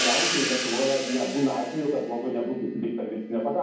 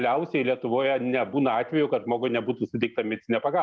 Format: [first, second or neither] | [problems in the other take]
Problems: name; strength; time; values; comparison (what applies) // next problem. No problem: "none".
second | background sound (Cymbal); 5 dB below the speech // room echo; dies away in 1.2 s